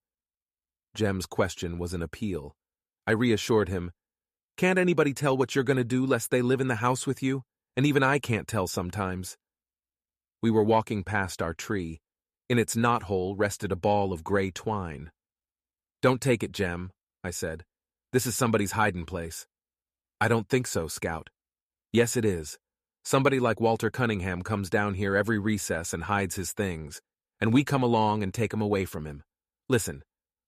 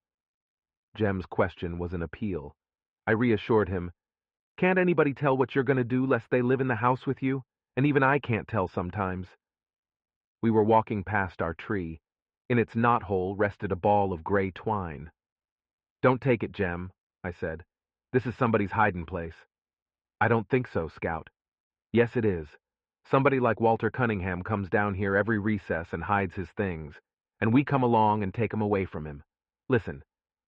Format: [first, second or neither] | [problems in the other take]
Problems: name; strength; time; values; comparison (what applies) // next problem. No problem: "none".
first | muffled; very; fading above 2.5 kHz